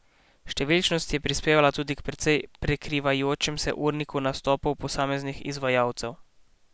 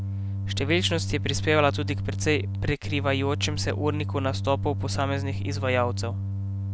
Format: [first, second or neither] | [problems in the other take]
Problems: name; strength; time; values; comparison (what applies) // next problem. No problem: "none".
first | background sound (Organ); 2 dB below the speech